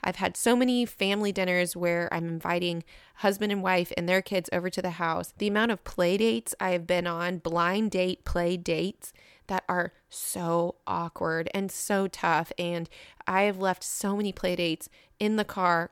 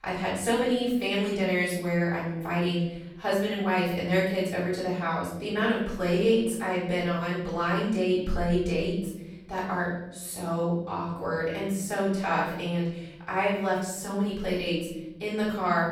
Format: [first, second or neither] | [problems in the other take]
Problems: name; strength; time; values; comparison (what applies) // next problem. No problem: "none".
first | off-mic speech; far // room echo; noticeable; dies away in 1.1 s